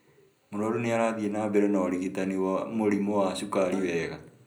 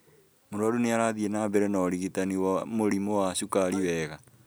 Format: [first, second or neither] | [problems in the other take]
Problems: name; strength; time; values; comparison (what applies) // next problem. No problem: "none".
second | room echo; dies away in 0.4 s